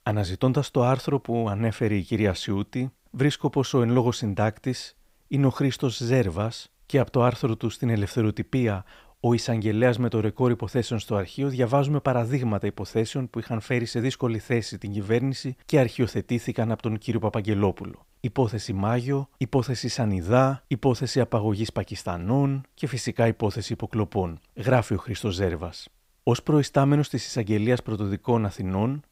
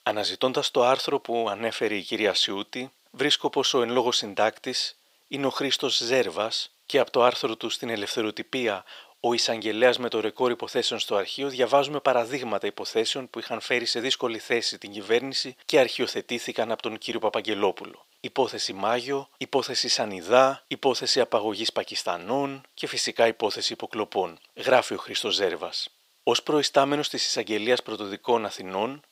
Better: first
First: none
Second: thin; somewhat; fading below 500 Hz

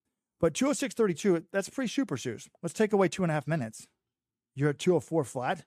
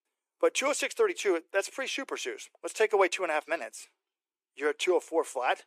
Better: first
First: none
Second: thin; very; fading below 350 Hz

